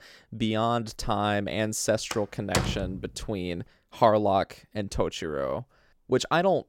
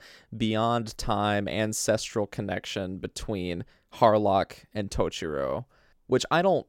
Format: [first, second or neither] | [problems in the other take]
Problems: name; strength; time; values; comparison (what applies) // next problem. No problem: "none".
second | door banging; noticeable; at 2 s; peak 1 dB below the speech